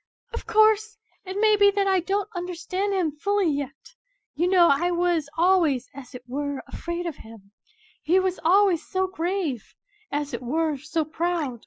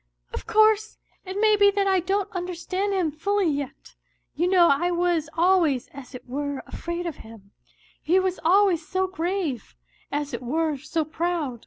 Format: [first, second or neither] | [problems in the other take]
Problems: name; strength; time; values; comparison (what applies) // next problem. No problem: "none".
second | noise reduction (classical method Wiener filter)